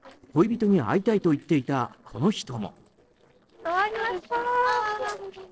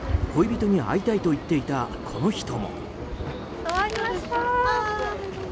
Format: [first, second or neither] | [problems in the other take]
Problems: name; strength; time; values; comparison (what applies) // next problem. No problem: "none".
second | noise reduction (neural separator model SepFormer DNS4)